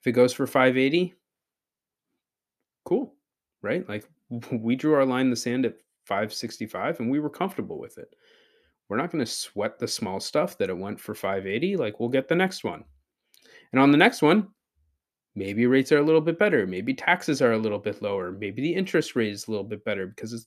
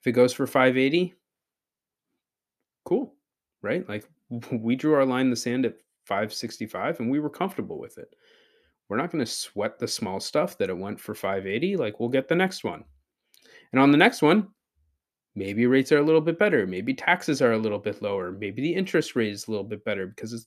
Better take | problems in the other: neither | none

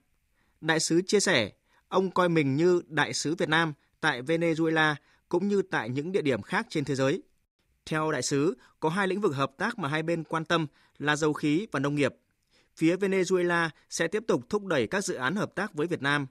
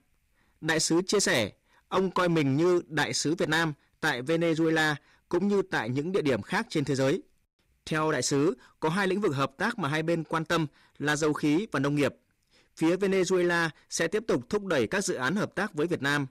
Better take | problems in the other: first | distortion; slight; 8% of the sound clipped

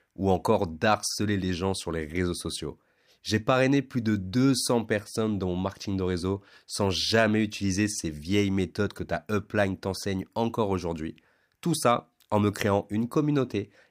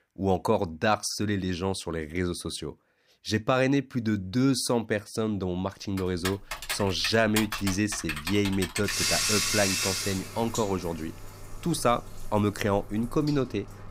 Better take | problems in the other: first | household noises; loud; from 6 s on; 1 dB below the speech

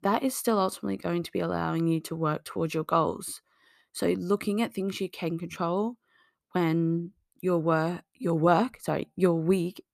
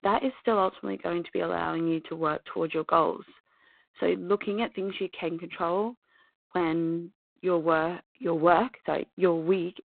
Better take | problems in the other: first | phone-call audio; poor line; nothing above 3.5 kHz

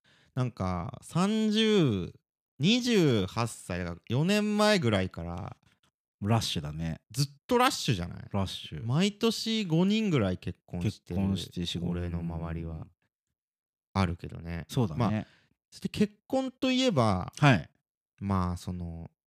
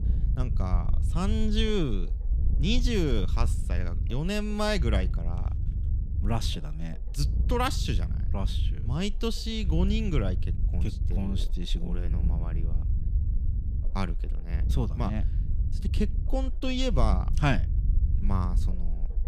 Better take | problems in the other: first | low rumble; noticeable; throughout; 15 dB below the speech

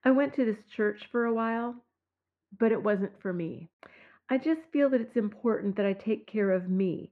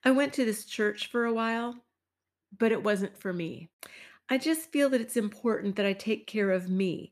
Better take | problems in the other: second | muffled; very; fading above 1.5 kHz

